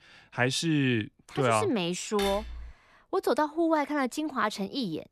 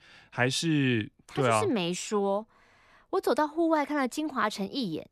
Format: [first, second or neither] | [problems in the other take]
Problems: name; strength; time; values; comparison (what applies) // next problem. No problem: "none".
second | clattering dishes; noticeable; at 2 s; peak 7 dB below the speech